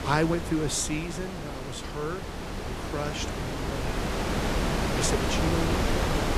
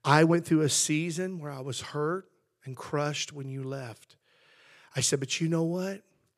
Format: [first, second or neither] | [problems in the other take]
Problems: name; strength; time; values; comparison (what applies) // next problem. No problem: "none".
second | wind noise on the microphone; heavy; 1 dB above the speech